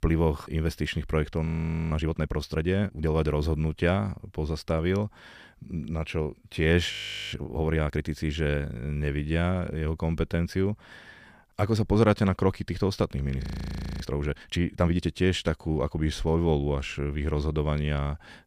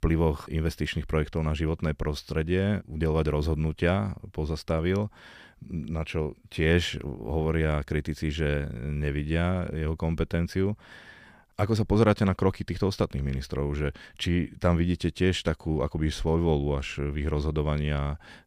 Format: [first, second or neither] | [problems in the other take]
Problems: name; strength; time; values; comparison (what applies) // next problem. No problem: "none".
second | audio freezing; at 1.5 s, at 7 s and at 13 s for 0.5 s